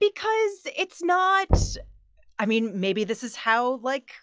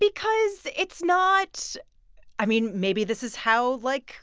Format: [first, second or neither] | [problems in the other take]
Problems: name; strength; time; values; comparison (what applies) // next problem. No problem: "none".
second | noise reduction (classical method log-MMSE)